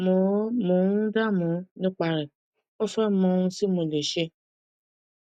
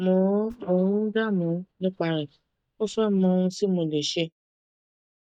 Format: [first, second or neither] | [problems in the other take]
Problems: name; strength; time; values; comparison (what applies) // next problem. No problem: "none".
first | noise reduction (neural mask model DeepFilterNet 3)